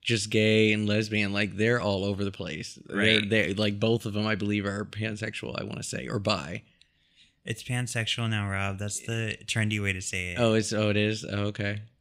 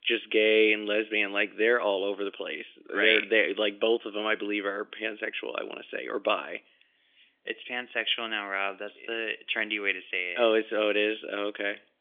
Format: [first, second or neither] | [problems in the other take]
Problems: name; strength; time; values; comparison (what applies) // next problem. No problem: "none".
first | phone-call audio; nothing above 3.5 kHz